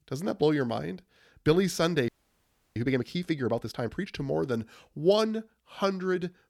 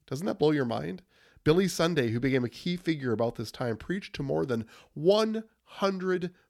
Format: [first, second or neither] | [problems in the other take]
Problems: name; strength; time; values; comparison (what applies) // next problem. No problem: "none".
second | audio freezing; at 2 s for 0.5 s